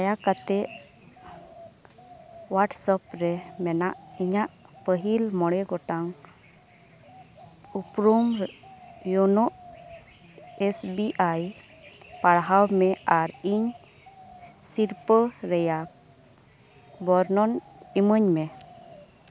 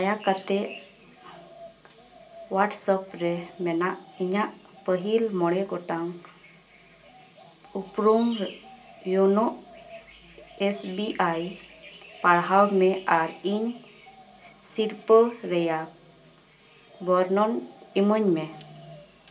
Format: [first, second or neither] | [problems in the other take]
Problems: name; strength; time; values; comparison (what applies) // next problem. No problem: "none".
first | room echo; dies away in 0.2 s